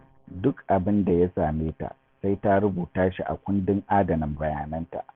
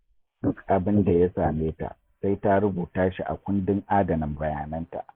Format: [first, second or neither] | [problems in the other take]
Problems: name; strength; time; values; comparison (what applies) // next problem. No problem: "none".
first | noise reduction (neural mask model Resemble Enhance denoiser)